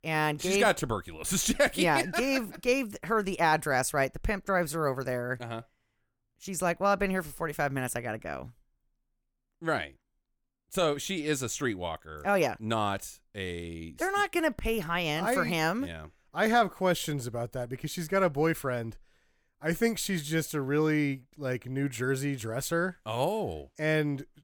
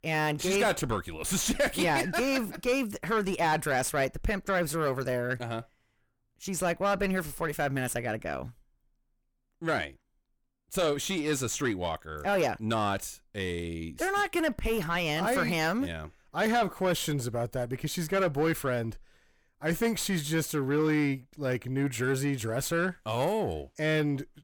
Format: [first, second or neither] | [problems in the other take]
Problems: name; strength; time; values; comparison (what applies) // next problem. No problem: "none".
first | distortion; slight; 10 dB below the speech